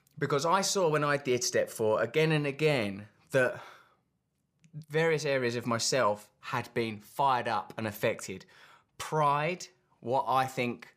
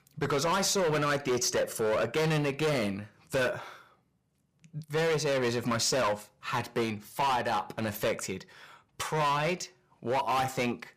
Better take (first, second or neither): first